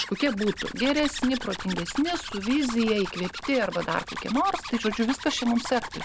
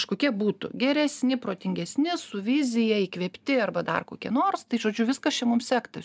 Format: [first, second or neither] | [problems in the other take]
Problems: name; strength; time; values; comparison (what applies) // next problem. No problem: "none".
second | background sound (Zipper (clothing)); 9 dB below the speech